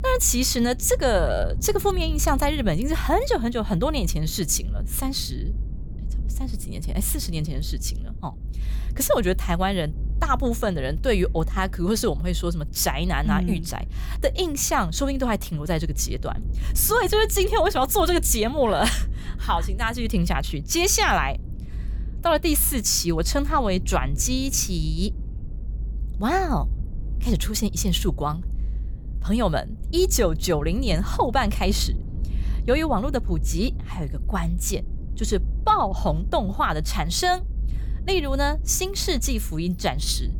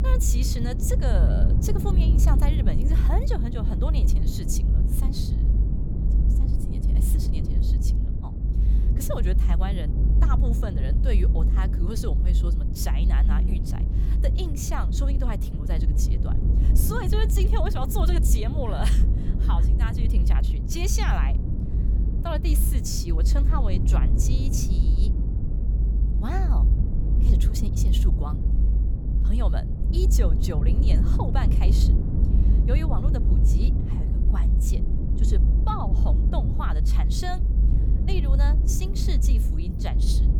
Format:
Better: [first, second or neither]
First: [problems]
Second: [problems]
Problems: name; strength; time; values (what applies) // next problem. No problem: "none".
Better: first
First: low rumble; faint; throughout; 25 dB below the speech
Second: low rumble; loud; throughout; 4 dB below the speech